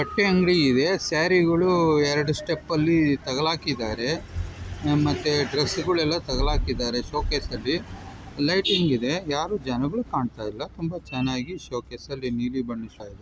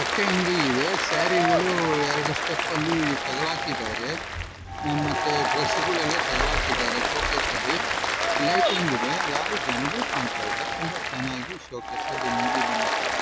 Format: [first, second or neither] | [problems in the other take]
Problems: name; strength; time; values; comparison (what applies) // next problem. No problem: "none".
first | background sound (Applause); 3 dB above the speech